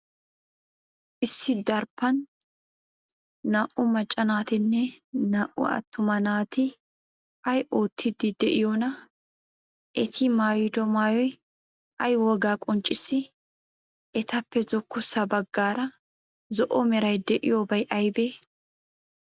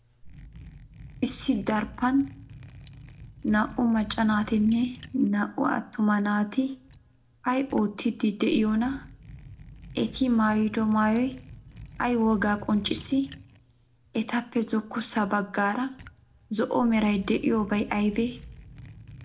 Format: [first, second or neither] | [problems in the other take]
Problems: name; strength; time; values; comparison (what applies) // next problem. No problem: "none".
first | background sound (Liquid); 19 dB below the speech // room echo; dies away in 0.2 s